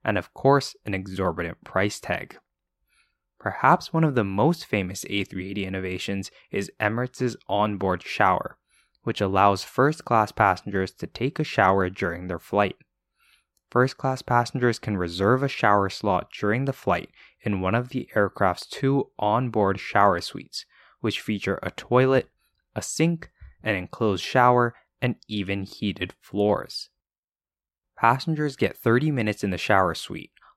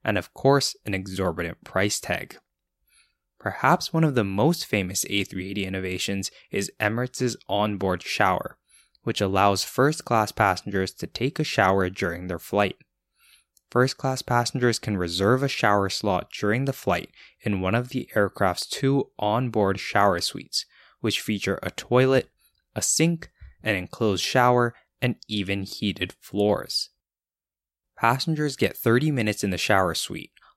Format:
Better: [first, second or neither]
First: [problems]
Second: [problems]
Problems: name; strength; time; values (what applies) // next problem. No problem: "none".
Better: second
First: muffled; slightly; fading above 3.5 kHz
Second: none